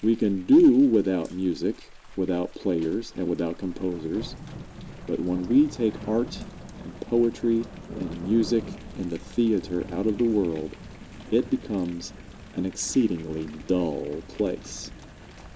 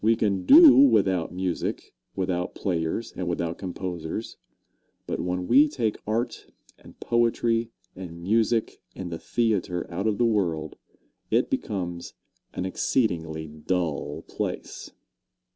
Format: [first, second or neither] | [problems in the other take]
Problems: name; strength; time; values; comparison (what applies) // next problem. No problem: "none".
second | background sound (Thunder / Rain); 15 dB below the speech